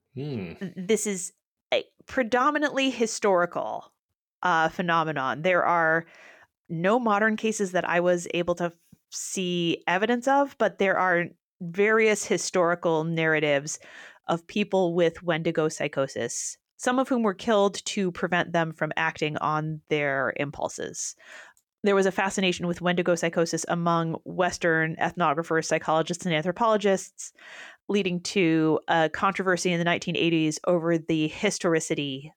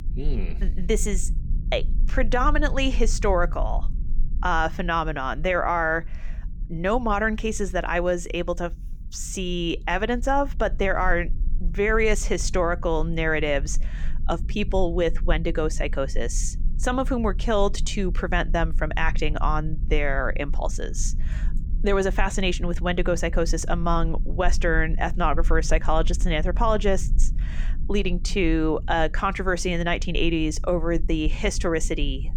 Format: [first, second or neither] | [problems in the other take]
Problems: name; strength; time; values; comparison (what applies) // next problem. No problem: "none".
first | low rumble; faint; throughout; 25 dB below the speech